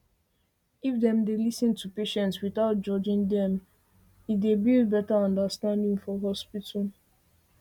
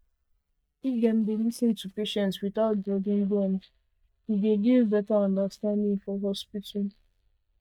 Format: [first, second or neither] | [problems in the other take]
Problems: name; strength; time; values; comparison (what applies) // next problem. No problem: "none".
first | noise reduction (neural mask model DeepFilterNet 3)